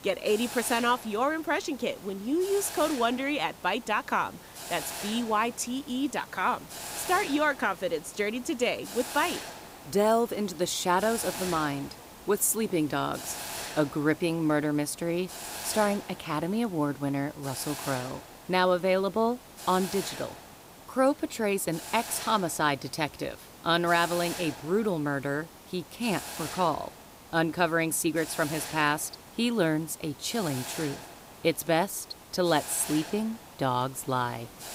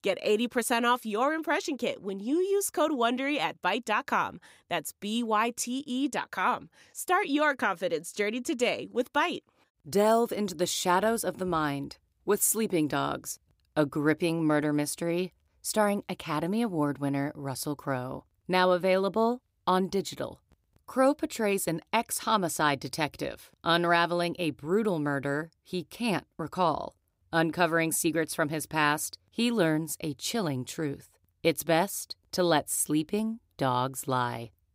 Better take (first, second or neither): second